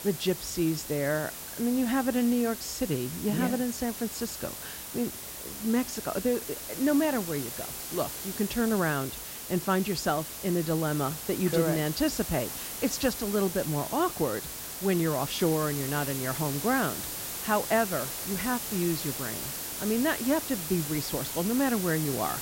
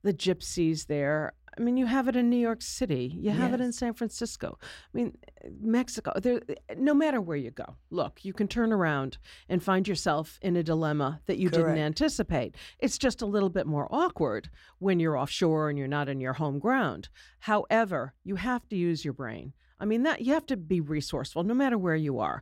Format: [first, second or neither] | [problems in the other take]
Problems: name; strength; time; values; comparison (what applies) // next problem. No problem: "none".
second | hiss; loud; throughout; 5 dB below the speech